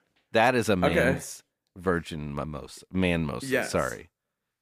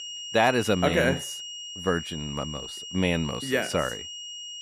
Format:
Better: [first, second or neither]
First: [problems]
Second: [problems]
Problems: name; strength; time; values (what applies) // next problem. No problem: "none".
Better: first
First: none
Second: high-pitched whine; loud; throughout; 3 kHz, 9 dB below the speech